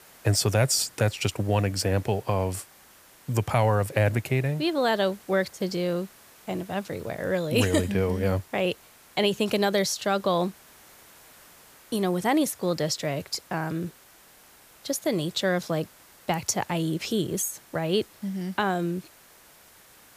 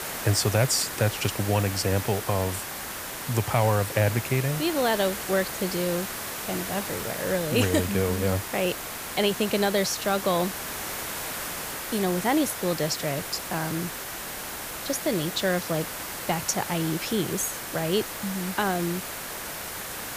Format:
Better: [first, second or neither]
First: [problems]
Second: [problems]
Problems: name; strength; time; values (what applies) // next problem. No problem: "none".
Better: first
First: hiss; faint; throughout; 25 dB below the speech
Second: hiss; loud; throughout; 6 dB below the speech